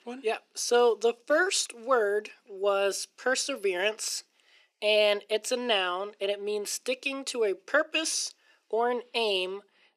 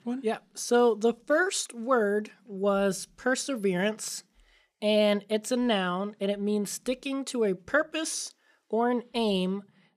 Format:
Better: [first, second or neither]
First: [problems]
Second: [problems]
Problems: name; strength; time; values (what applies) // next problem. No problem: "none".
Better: second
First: thin; somewhat; fading below 300 Hz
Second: none